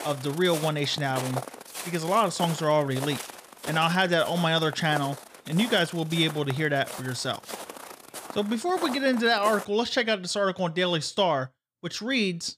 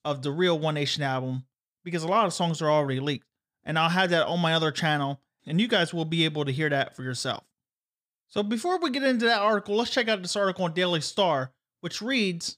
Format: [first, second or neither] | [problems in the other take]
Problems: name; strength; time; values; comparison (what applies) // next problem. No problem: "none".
second | footsteps; noticeable; until 9.5 s; peak 8 dB below the speech